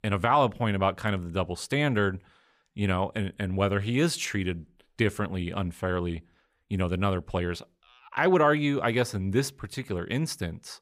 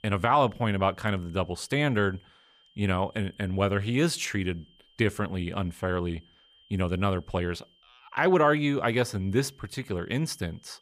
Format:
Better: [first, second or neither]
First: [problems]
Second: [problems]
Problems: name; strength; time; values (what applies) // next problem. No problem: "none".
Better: first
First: none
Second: high-pitched whine; faint; throughout; 3 kHz, 30 dB below the speech